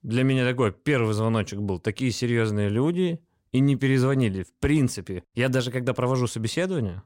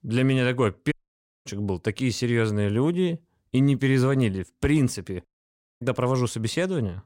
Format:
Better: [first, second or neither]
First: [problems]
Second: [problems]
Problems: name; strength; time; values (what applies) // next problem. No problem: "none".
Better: first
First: none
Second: audio cutting out; at 1 s for 0.5 s and at 5.5 s for 0.5 s